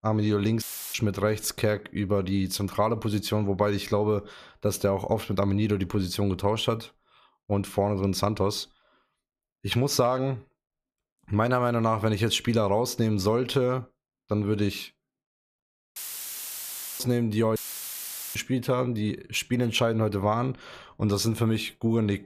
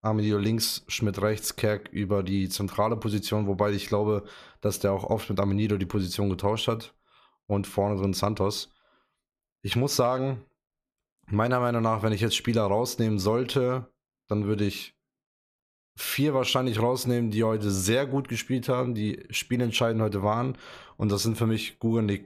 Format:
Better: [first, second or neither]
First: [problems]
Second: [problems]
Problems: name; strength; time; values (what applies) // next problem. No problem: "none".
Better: second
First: audio cutting out; filled with static; at 0.5 s, at 16 s for 1 s and at 18 s for 1 s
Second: none